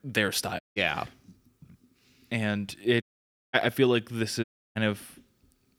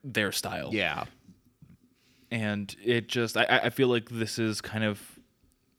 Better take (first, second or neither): second